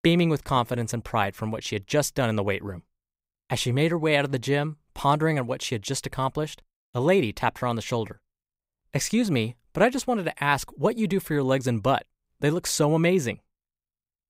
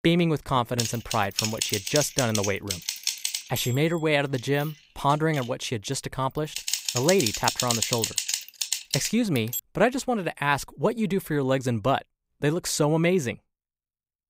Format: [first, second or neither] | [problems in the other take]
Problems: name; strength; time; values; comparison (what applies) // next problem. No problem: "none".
first | keyboard typing; loud; from 1 to 9.5 s; peak 2 dB above the speech